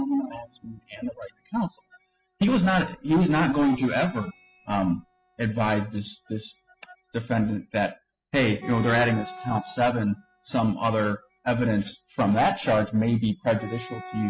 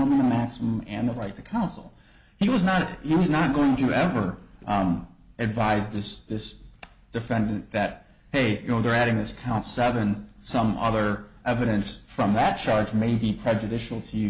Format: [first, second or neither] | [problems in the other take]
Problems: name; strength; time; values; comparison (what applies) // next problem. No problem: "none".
second | noise reduction (classical method spectral subtraction)